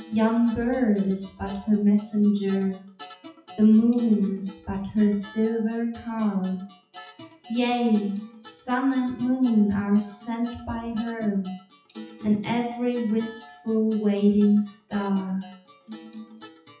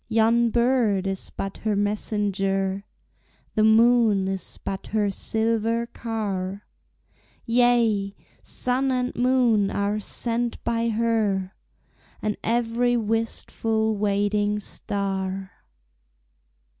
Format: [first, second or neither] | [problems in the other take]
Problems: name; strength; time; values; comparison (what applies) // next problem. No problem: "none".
second | noise reduction (classical method WPE with log-MMSE)